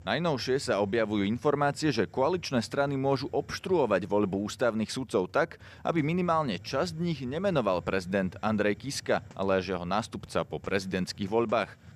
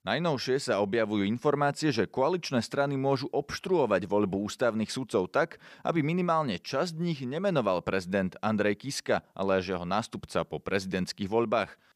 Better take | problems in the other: second | hiss; faint; throughout; 20 dB below the speech

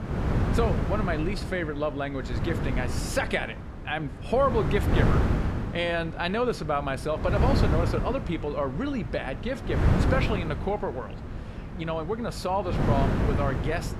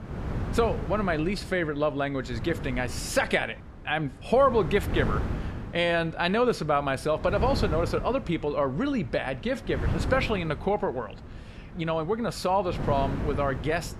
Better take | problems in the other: second | wind noise on the microphone; heavy; 6 dB below the speech; occasional gusts in the second

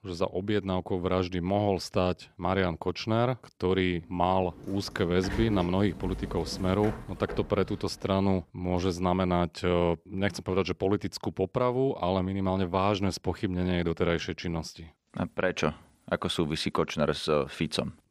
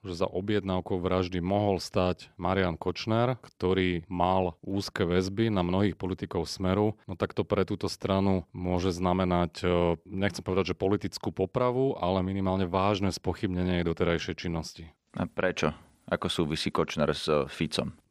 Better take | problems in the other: second | door banging; noticeable; from 4.5 to 8 s; peak 6 dB below the speech

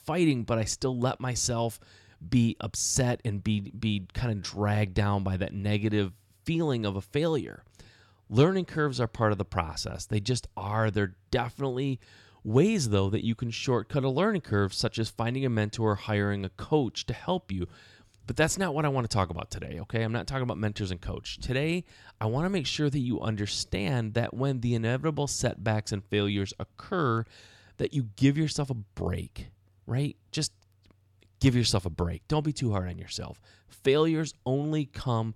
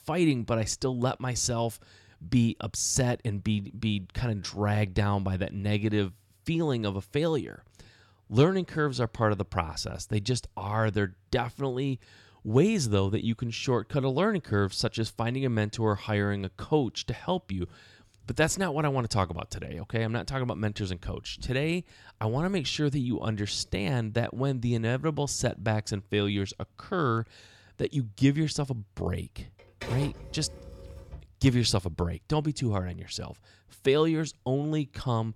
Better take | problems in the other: first | keyboard typing; noticeable; from 30 to 31 s; peak 9 dB below the speech

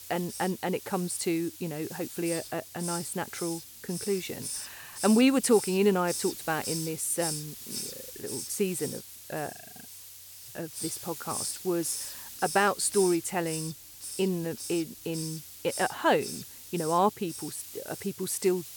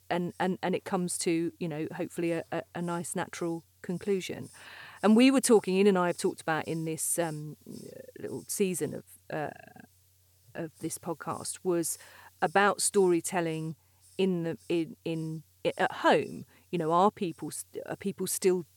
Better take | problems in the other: second | hiss; loud; throughout; 8 dB below the speech; faint in the second

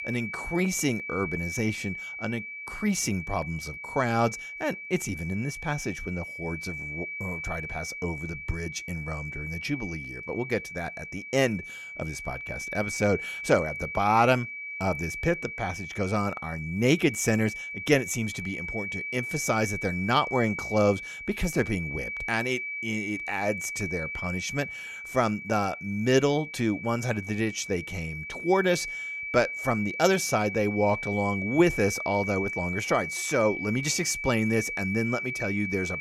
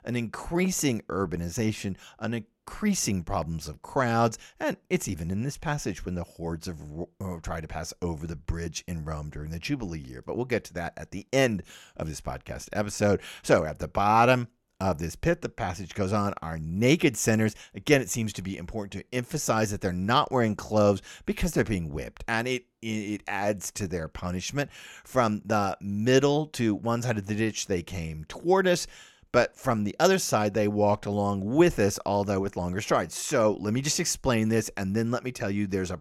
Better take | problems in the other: second | high-pitched whine; loud; throughout; 2.5 kHz, 6 dB below the speech

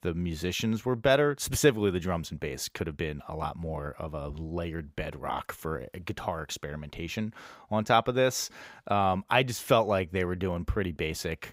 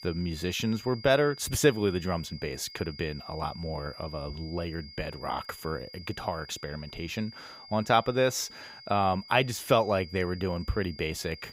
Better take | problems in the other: first | high-pitched whine; noticeable; throughout; 5 kHz, 15 dB below the speech

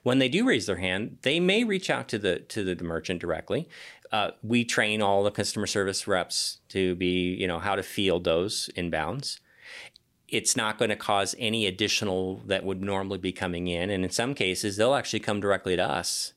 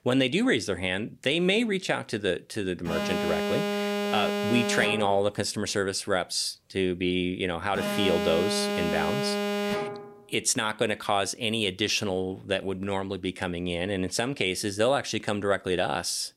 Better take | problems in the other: first | alarm; noticeable; from 3 to 10 s; peak 1 dB below the speech

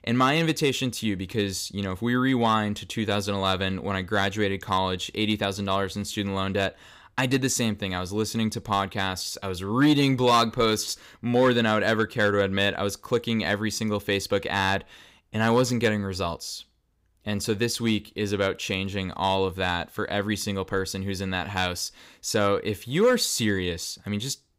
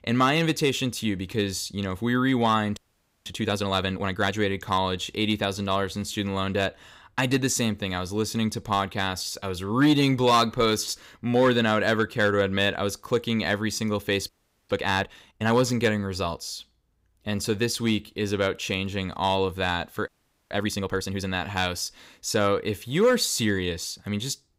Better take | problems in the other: first | audio freezing; at 3 s, at 14 s and at 20 s

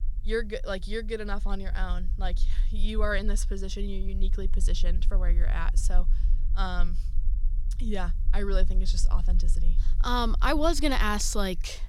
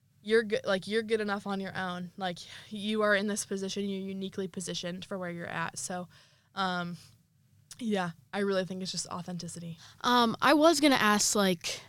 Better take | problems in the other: second | low rumble; faint; throughout; 25 dB below the speech

